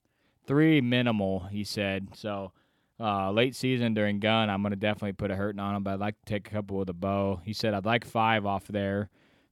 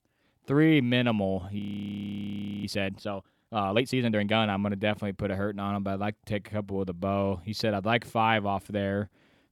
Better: first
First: none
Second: audio freezing; at 1.5 s for 1 s

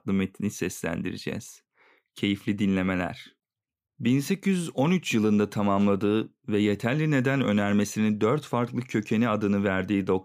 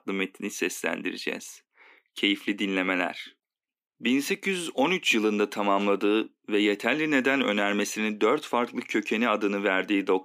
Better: first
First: none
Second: thin; very slightly; fading below 300 Hz

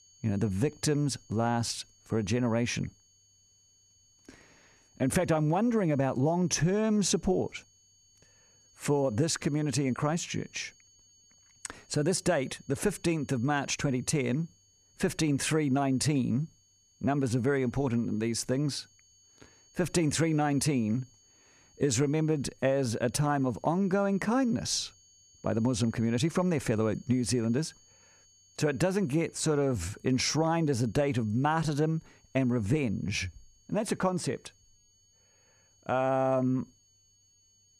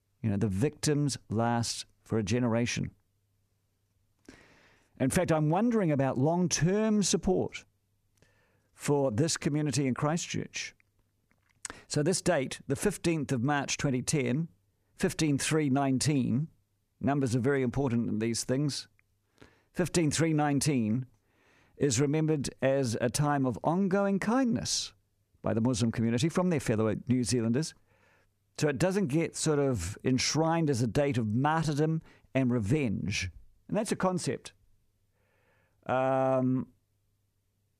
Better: second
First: high-pitched whine; faint; throughout; 6.5 kHz, 30 dB below the speech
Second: none

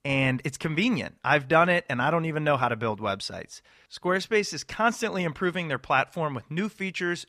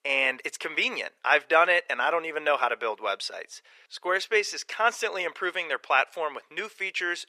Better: first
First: none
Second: thin; very; fading below 400 Hz

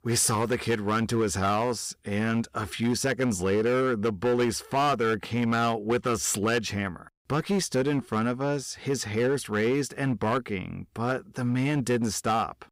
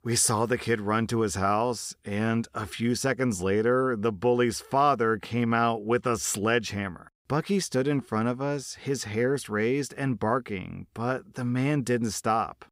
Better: second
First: distortion; slight; 9% of the sound clipped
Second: none

